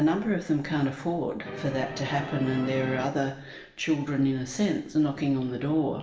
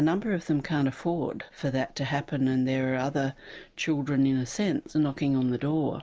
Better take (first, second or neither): second